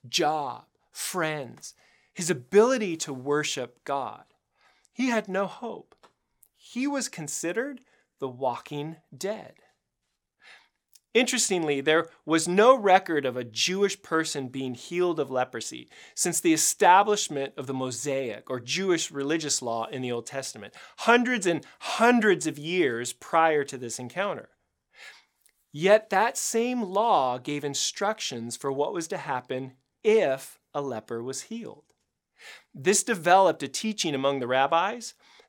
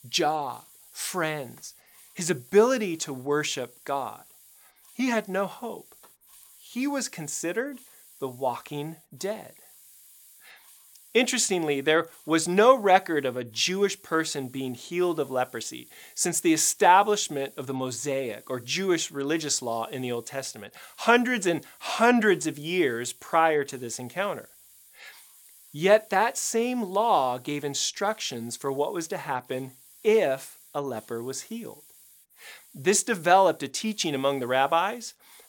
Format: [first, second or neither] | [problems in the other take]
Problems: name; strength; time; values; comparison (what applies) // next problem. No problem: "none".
first | hiss; faint; throughout; 25 dB below the speech